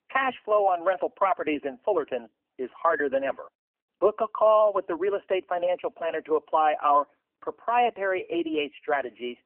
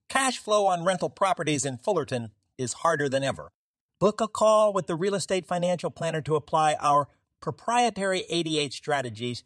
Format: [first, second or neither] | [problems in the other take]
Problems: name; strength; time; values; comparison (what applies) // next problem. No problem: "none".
second | phone-call audio; nothing above 3 kHz